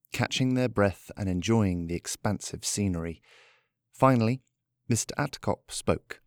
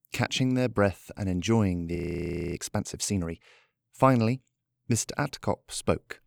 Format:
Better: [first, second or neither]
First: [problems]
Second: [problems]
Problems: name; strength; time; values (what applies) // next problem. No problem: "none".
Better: first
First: none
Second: audio freezing; at 2 s for 0.5 s